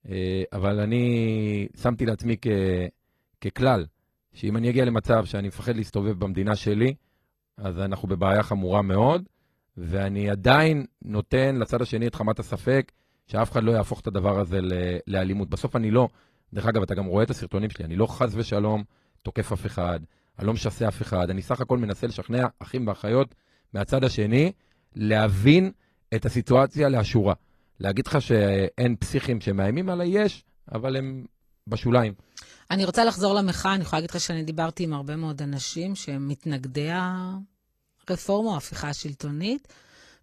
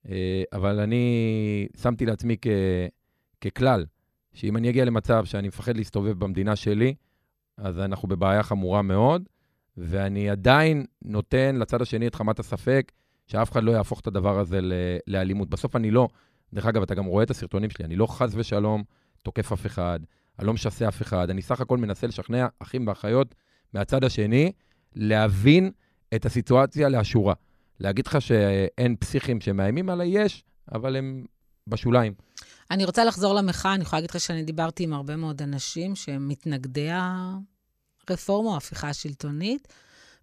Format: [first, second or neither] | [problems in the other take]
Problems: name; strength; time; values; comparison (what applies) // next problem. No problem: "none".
second | garbled, watery; slightly; nothing above 15 kHz